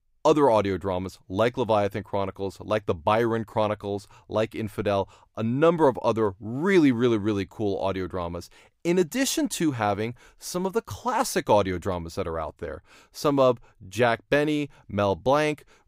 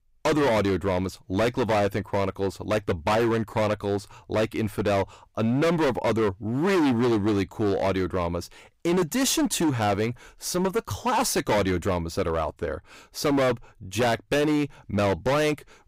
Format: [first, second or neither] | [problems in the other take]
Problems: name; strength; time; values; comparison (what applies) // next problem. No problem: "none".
first | distortion; heavy; 17% of the sound clipped